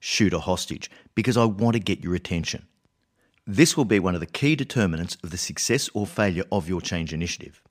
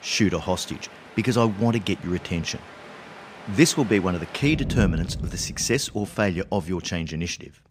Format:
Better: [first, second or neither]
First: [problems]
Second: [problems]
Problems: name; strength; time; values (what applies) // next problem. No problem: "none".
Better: first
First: none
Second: rain or running water; noticeable; throughout; 10 dB below the speech